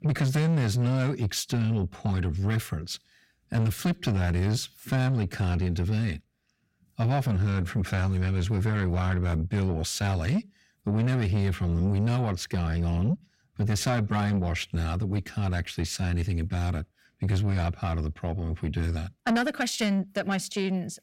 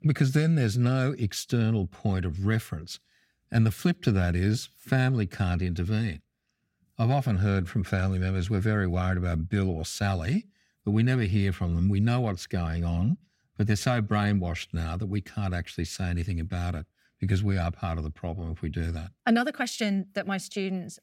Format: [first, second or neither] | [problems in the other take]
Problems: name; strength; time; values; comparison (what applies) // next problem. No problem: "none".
second | distortion; slight; 10 dB below the speech